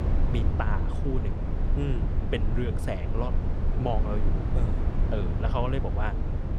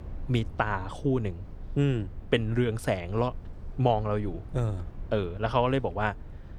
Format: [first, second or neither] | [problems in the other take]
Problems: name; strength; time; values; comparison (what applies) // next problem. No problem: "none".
second | low rumble; loud; throughout; 4 dB below the speech; faint in the second